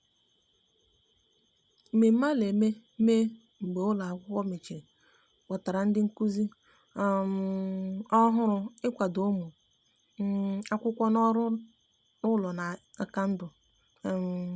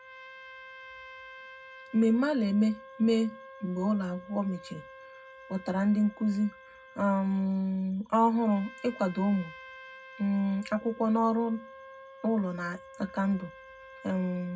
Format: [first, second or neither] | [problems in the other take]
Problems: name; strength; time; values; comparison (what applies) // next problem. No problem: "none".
first | background sound (Trumpet); 19 dB below the speech // room echo; dies away in 0.3 s